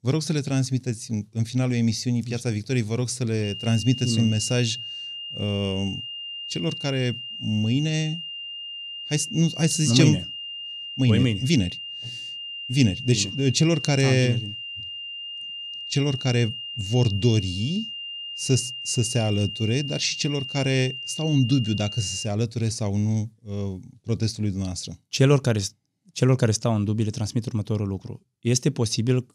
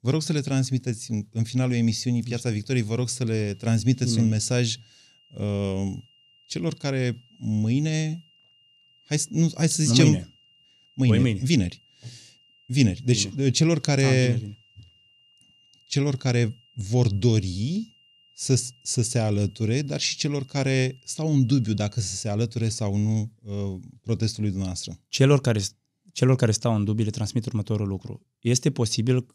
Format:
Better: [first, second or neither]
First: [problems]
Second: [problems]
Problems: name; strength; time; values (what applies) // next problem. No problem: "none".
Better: second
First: high-pitched whine; loud; from 3.5 to 22 s; 3 kHz, 8 dB below the speech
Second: high-pitched whine; faint; from 3.5 to 22 s; 3 kHz, 35 dB below the speech